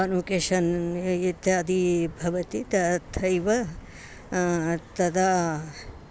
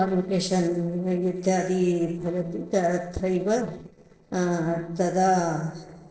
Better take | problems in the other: first | noise reduction (neural separator model SepFormer DNS4)

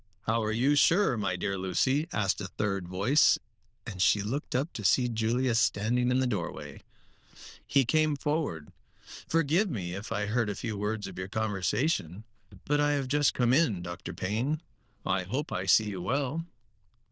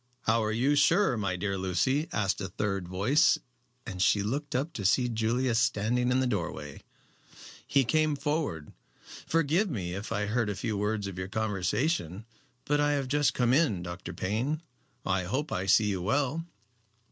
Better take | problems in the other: second | noise reduction (neural diffusion model UNIVERSE++)

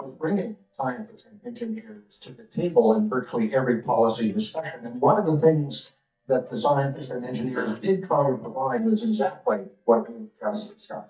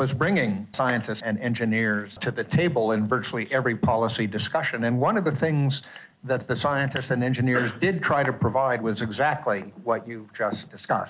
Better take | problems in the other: second | noise reduction (neural mask model DeepFilterNet 3)

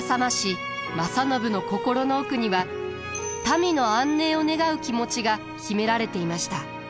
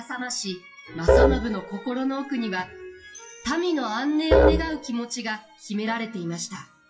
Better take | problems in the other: first | noise reduction (classical method WPE with log-MMSE)

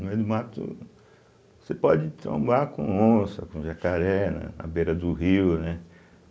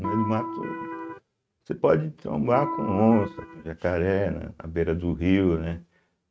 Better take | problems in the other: first | noise reduction (neural mask model RNNoise)

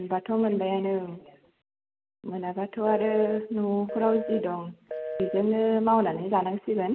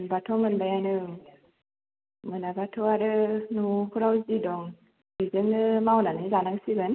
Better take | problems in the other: second | background sound (Telephone); 9 dB below the speech

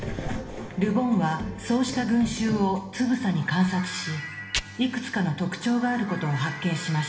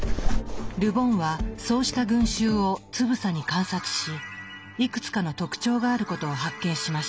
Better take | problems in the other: second | background sound (Fire); 18 dB below the speech // room echo; dies away in 1.1 s

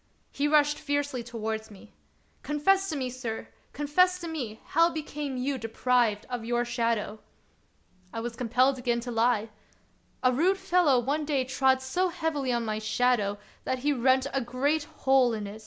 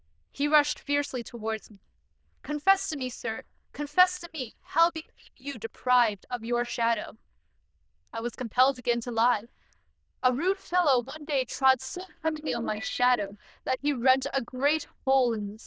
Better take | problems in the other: first | noise reduction (neural diffusion model UNIVERSE++)

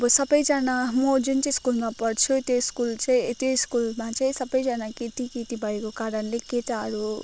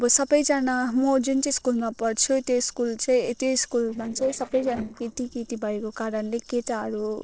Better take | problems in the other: first | noise reduction (neural separator model SepFormer DNS4)

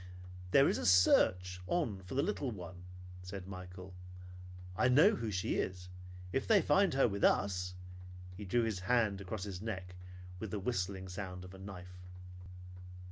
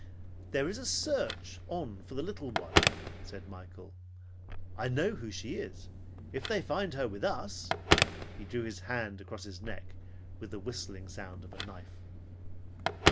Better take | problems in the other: first | background sound (Telephone); 1 dB above the speech

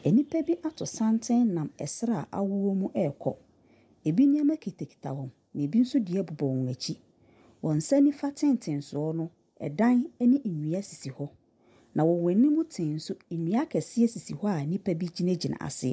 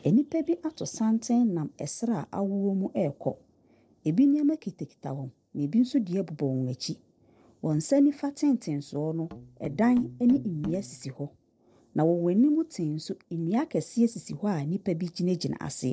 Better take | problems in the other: first | noise reduction (neural separator model SepFormer DNS4)

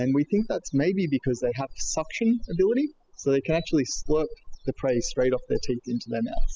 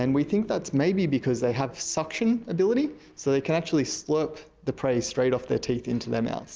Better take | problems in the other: second | noise reduction (classical method spectral subtraction)

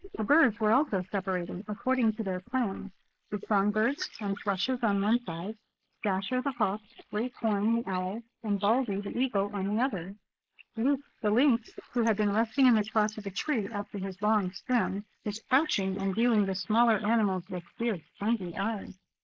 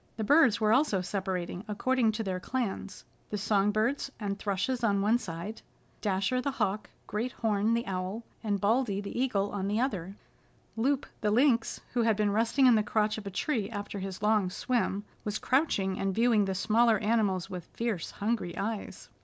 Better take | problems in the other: second | noise reduction (neural mask model Resemble Enhance denoiser)

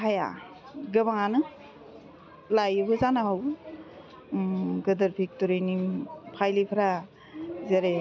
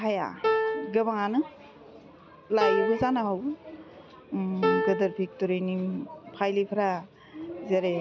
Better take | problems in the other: first | background sound (Piano); 1 dB below the speech

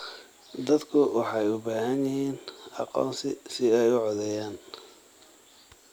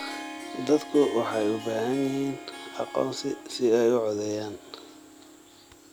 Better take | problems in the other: first | background sound (Harp); 14 dB below the speech

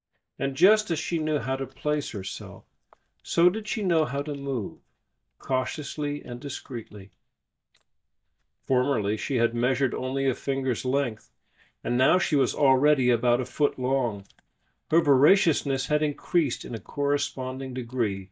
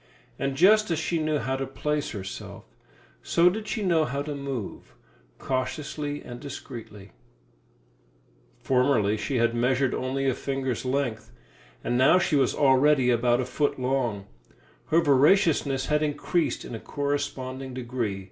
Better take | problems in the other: second | noise reduction (neural mask model DeepFilterNet 3)

